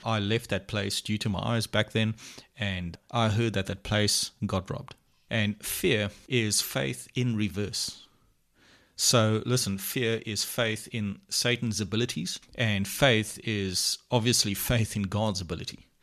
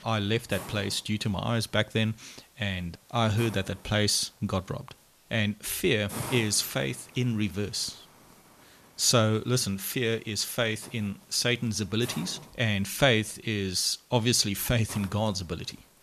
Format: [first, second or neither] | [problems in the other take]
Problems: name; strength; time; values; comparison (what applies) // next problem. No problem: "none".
first | hiss; noticeable; throughout; 20 dB below the speech